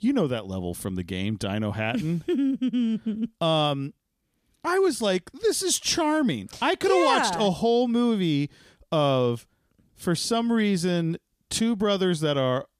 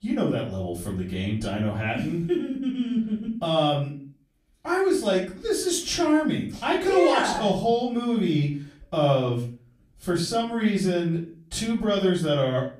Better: first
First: none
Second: off-mic speech; far // room echo; slight; dies away in 0.4 s

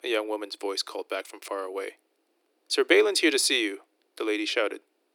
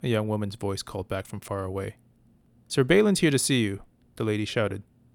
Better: second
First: thin; very; fading below 300 Hz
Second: none

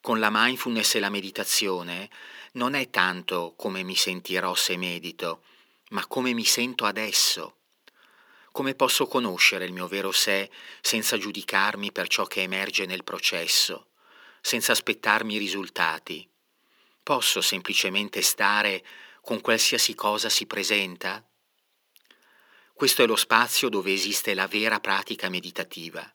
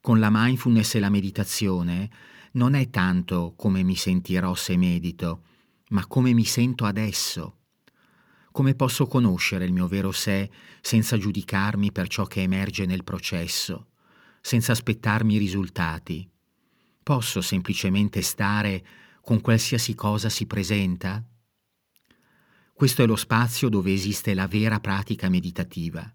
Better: second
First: thin; very; fading below 400 Hz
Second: none

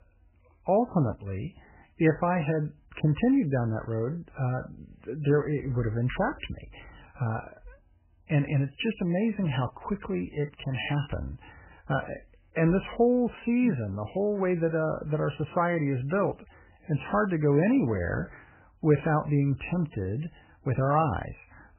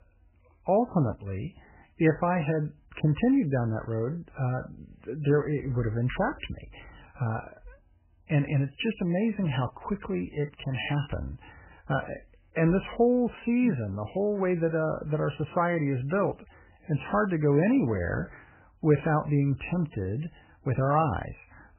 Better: neither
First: garbled, watery; badly; nothing above 3 kHz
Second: garbled, watery; badly; nothing above 3 kHz

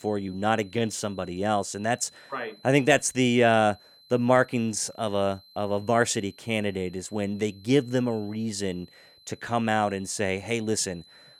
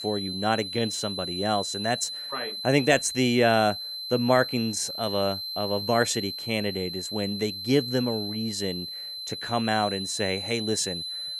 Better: first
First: high-pitched whine; faint; throughout; 4 kHz, 25 dB below the speech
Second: high-pitched whine; loud; throughout; 4 kHz, 5 dB below the speech

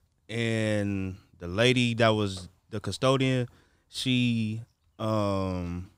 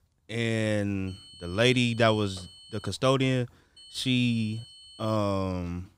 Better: first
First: none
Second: high-pitched whine; faint; from 1 to 3 s and from 4 to 5 s; 3 kHz, 20 dB below the speech

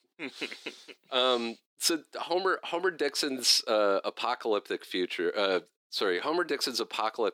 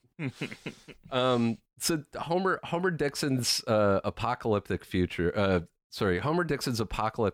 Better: second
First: thin; somewhat; fading below 300 Hz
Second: none

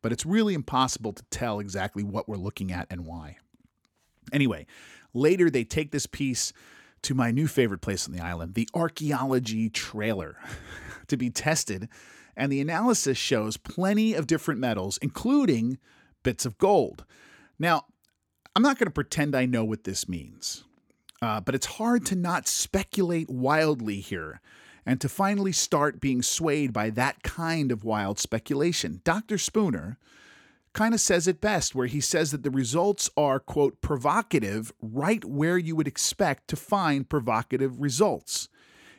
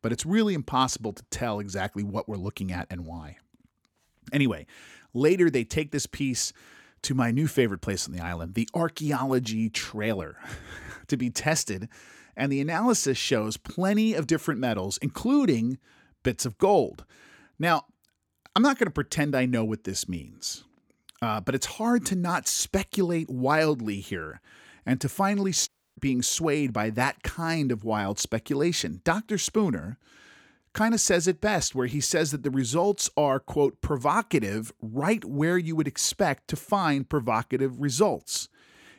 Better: first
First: none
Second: audio cutting out; at 26 s

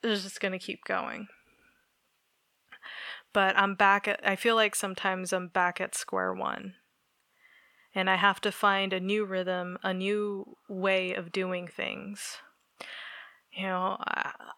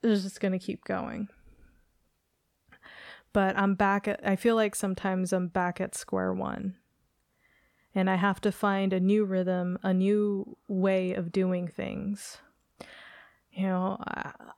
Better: second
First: thin; somewhat; fading below 700 Hz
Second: none

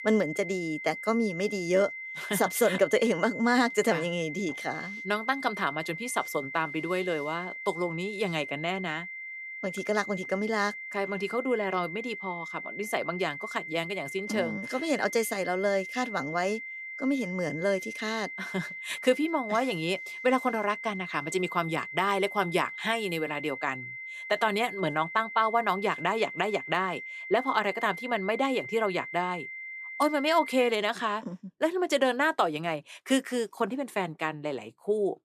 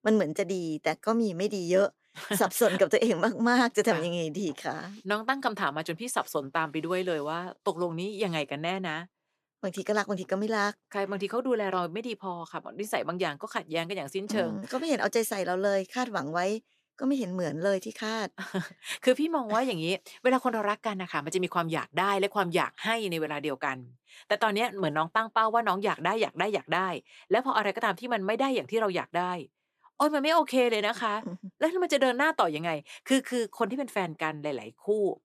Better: second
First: high-pitched whine; loud; until 31 s; 2 kHz, 8 dB below the speech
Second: none

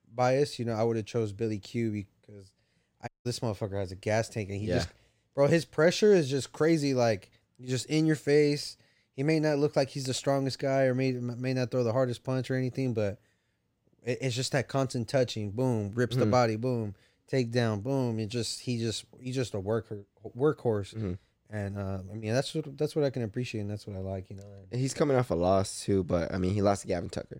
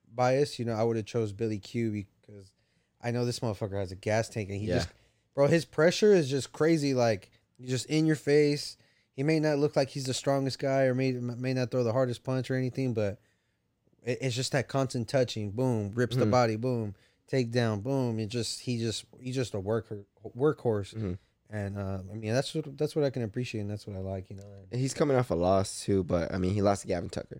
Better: second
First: audio cutting out; at 3 s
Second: none

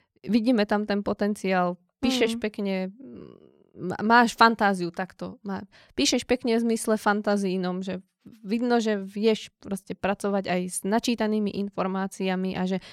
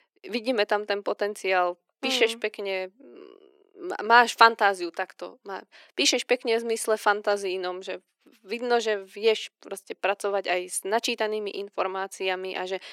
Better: first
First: none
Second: thin; somewhat; fading below 300 Hz

